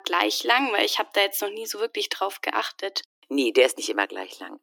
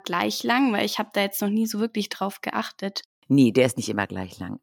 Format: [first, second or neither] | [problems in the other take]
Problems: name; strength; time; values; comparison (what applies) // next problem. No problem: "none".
second | thin; somewhat; fading below 300 Hz